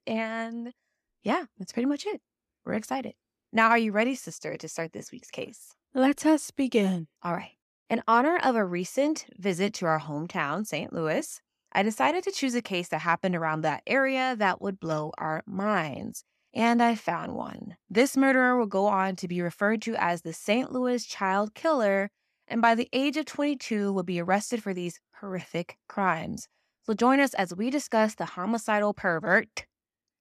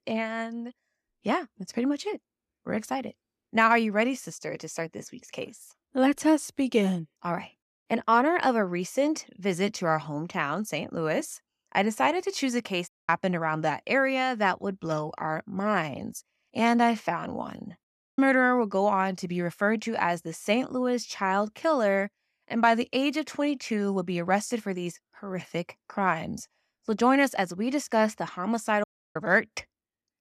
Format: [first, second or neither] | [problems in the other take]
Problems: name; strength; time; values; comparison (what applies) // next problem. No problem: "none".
first | audio cutting out; at 13 s, at 18 s and at 29 s